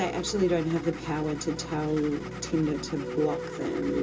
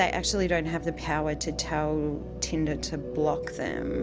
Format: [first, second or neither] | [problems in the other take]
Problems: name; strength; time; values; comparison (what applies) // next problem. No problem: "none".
second | background sound (Engine starting / Car); 16 dB below the speech // room echo; dies away in 0.2 s